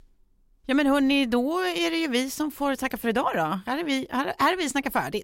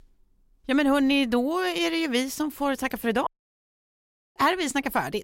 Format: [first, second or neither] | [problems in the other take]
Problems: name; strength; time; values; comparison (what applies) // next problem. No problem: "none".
first | audio cutting out; at 3.5 s for 1 s